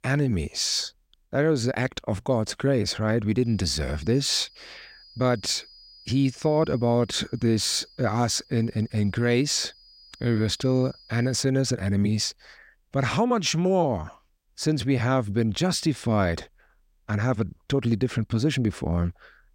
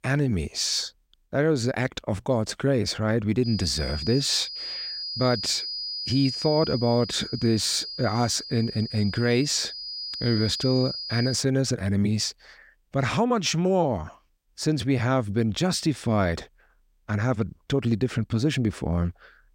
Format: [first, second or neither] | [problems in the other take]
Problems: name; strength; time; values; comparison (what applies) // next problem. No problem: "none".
first | high-pitched whine; loud; from 3.5 to 11 s; 5 kHz, 6 dB below the speech; faint in the first